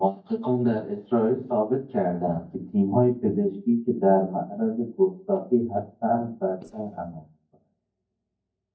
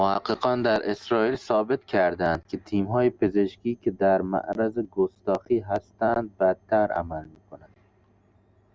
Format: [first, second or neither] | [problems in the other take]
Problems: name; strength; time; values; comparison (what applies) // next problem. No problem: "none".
second | noise reduction (neural mask model DeepFilterNet 3)